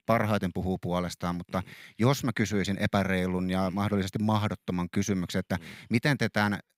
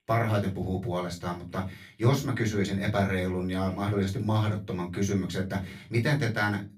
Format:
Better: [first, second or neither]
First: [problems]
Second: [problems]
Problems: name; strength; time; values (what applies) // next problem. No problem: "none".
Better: first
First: none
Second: off-mic speech; far // room echo; very slight; dies away in 0.2 s